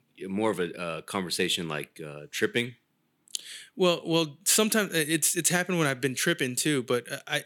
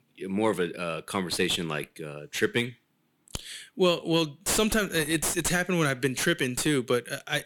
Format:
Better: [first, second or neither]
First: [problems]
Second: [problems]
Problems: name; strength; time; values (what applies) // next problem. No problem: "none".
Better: first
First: none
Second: distortion; slight; 7 dB below the speech